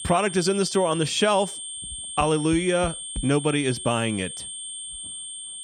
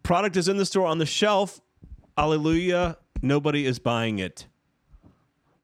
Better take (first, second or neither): second